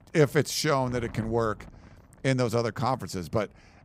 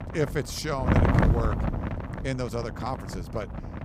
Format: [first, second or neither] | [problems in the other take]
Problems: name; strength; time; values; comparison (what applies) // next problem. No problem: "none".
first | wind noise on the microphone; heavy; 1 dB above the speech; occasional gusts in the first